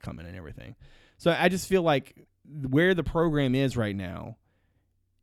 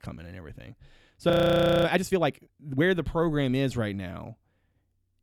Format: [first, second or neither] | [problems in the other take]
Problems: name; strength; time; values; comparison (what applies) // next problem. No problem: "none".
first | audio freezing; at 1.5 s for 0.5 s